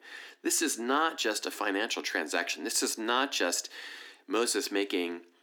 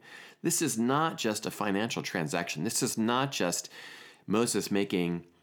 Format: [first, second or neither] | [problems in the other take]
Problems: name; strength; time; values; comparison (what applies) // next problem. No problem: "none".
second | thin; somewhat; fading below 250 Hz